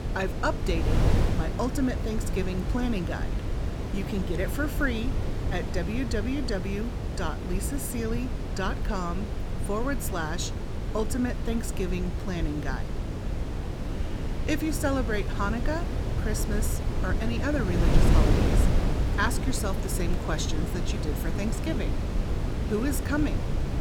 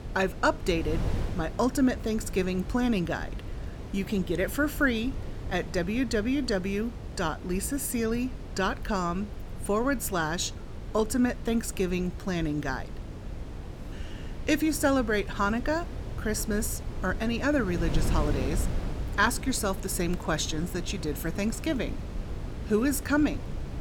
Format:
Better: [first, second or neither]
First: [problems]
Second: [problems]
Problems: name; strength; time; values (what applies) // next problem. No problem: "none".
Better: second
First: wind noise on the microphone; heavy; 4 dB below the speech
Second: wind noise on the microphone; occasional gusts; 15 dB below the speech